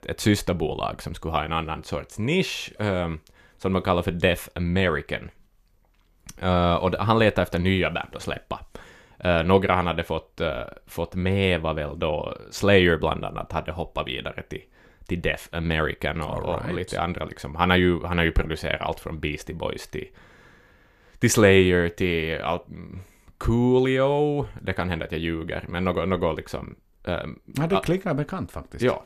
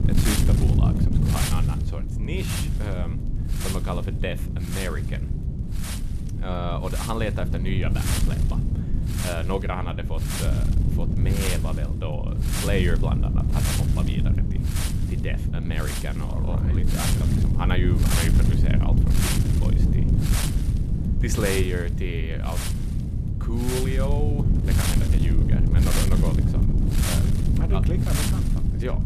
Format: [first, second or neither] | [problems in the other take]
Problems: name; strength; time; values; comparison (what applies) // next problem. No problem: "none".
first | wind noise on the microphone; heavy; as loud as the speech